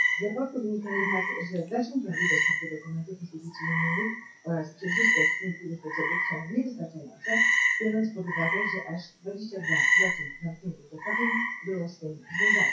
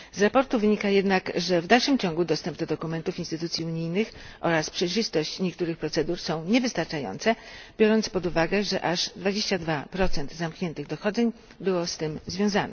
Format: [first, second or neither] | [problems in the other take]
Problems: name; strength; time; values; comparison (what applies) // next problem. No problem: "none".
second | noise reduction (classical method WPE with log-MMSE)